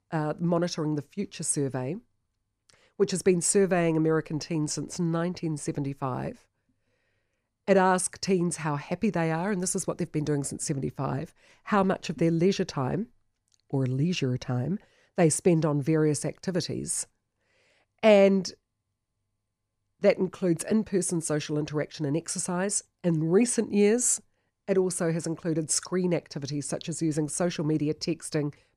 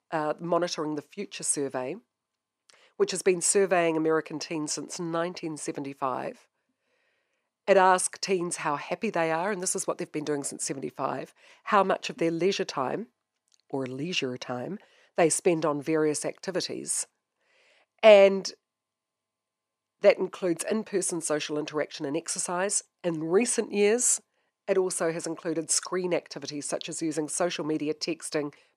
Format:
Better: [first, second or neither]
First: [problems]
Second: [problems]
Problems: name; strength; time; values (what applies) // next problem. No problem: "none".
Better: first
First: none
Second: thin; somewhat; fading below 300 Hz